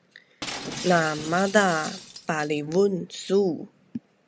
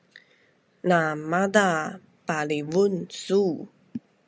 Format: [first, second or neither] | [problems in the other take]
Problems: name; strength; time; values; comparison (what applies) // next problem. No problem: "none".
second | background sound (Shatter); 13 dB below the speech